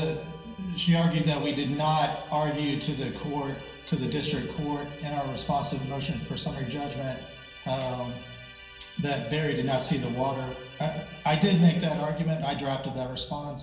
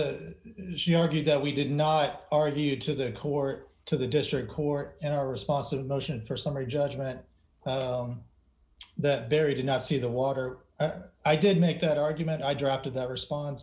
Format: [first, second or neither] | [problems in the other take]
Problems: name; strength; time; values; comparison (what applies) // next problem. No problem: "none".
second | background sound (Musical instrument); 20 dB below the speech // room echo; dies away in 0.9 s